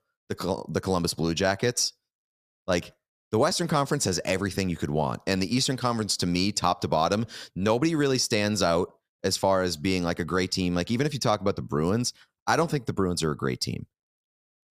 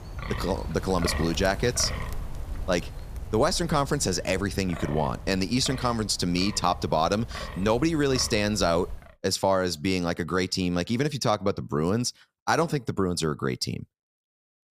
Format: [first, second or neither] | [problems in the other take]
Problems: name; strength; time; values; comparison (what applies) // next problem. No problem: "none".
first | wind noise on the microphone; occasional gusts; until 9 s; 15 dB below the speech